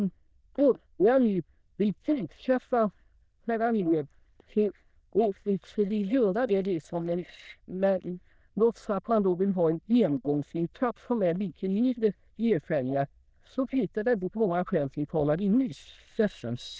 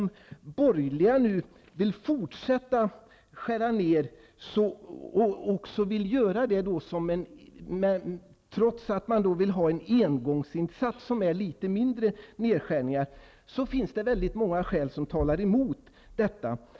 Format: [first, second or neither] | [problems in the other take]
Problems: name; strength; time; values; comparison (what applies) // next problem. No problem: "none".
second | noise reduction (neural diffusion model UNIVERSE++)